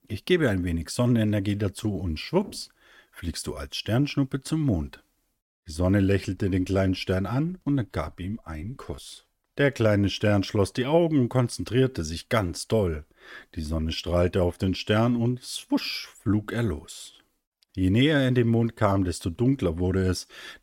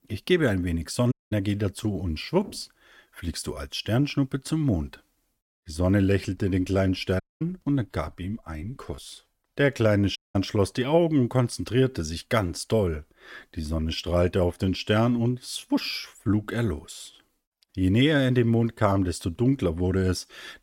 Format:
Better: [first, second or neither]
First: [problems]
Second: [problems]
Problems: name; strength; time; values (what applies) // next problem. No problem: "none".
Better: first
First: none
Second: audio cutting out; at 1 s, at 7 s and at 10 s